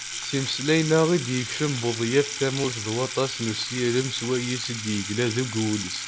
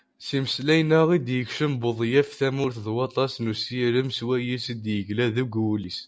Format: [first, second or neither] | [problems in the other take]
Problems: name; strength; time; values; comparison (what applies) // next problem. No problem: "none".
second | background sound (Sink (filling or washing) / Water tap, faucet); 8 dB below the speech